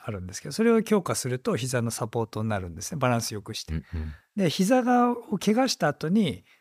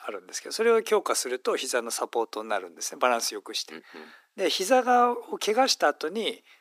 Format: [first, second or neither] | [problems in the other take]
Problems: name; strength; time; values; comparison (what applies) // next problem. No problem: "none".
first | thin; very; fading below 300 Hz